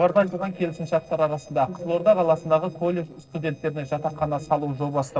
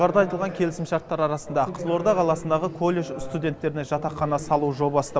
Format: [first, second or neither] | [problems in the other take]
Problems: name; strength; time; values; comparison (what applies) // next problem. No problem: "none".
second | noise reduction (neural separator model SepFormer DNS4)